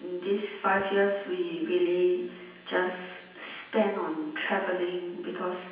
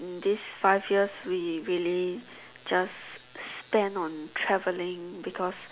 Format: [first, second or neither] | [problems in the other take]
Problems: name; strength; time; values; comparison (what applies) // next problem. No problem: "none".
second | background sound (Whoosh, swoosh, swish); 19 dB below the speech // room echo; dies away in 0.9 s